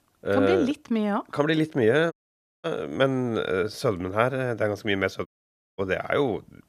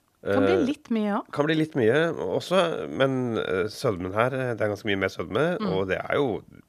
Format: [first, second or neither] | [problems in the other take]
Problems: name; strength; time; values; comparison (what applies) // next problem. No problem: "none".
second | audio cutting out; at 2 s for 0.5 s and at 5.5 s for 0.5 s